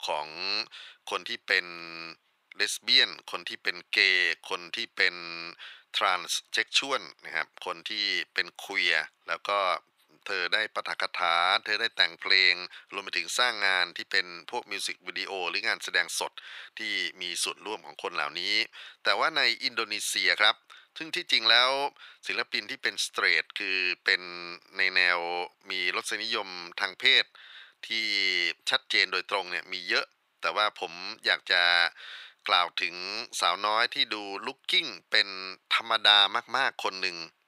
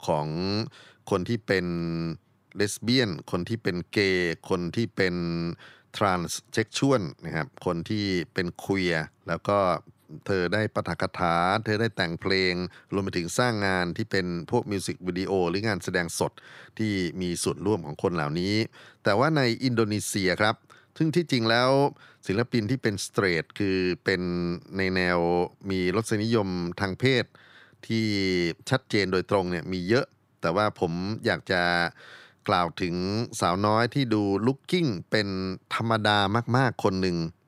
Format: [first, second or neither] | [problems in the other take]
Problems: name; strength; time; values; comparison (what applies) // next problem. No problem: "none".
second | thin; very; fading below 800 Hz